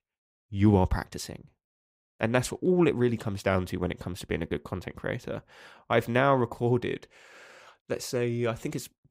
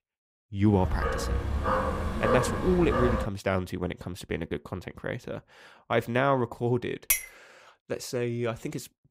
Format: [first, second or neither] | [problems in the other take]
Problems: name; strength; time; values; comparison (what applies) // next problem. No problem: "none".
first | dog barking; loud; from 1 to 3.5 s; peak 3 dB above the speech // clattering dishes; loud; at 7 s; peak 3 dB above the speech